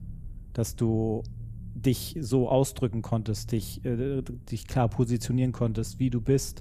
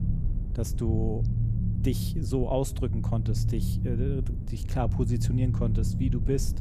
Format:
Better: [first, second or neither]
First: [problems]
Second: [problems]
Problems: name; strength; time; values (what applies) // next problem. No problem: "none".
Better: first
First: low rumble; faint; throughout; 25 dB below the speech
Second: low rumble; loud; throughout; 7 dB below the speech